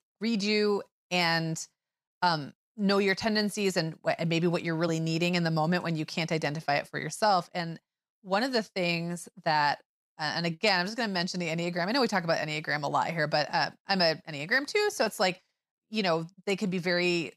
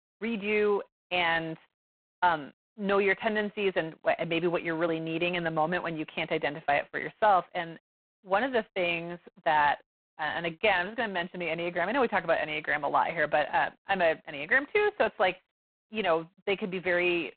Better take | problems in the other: first | phone-call audio; poor line

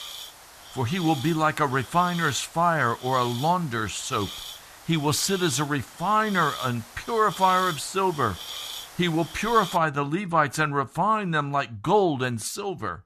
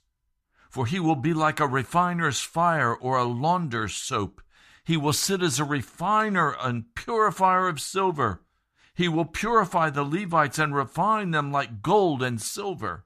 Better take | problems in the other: second | hiss; noticeable; until 10 s; 15 dB below the speech

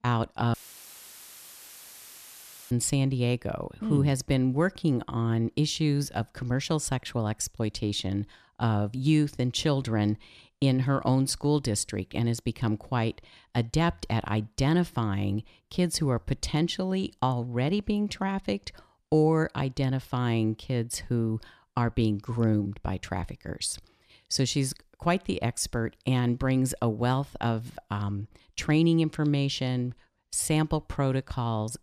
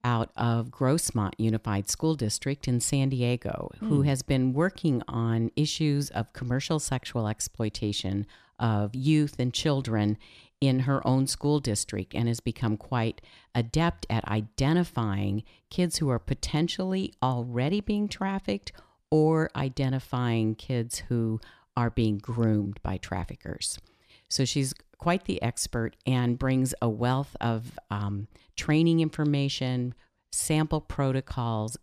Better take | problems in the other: second | audio cutting out; filled with static; at 0.5 s for 2 s

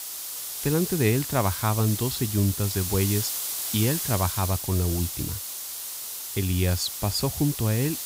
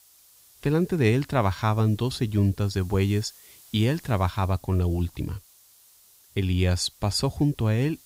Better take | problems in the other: second | hiss; loud; throughout; 3 dB below the speech; faint in the second

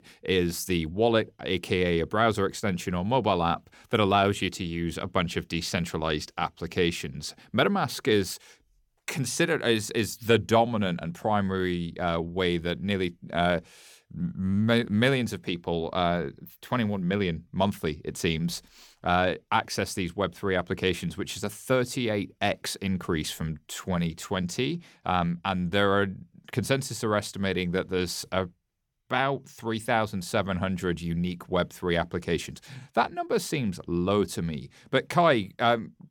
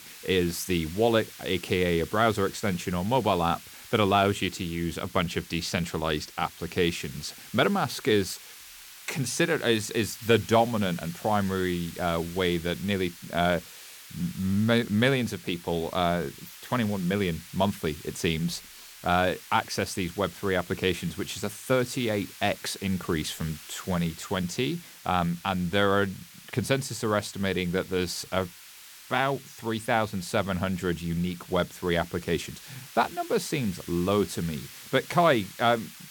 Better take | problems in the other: first | hiss; noticeable; throughout; 15 dB below the speech

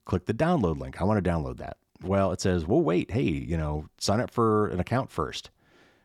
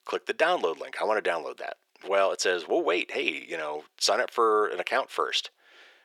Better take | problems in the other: first | thin; very; fading below 450 Hz

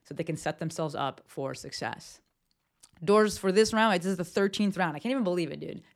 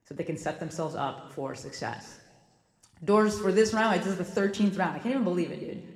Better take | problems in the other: first | room echo; slight; dies away in 1.6 s

